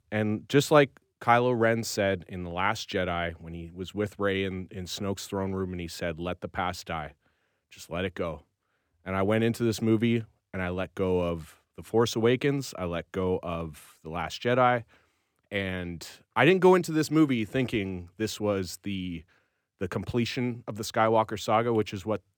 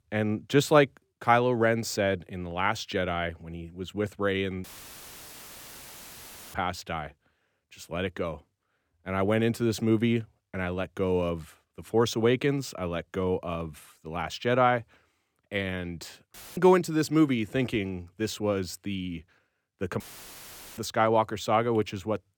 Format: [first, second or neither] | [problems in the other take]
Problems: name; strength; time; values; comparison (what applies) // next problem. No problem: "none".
first | audio cutting out; filled with static; at 4.5 s for 2 s, at 16 s and at 20 s for 1 s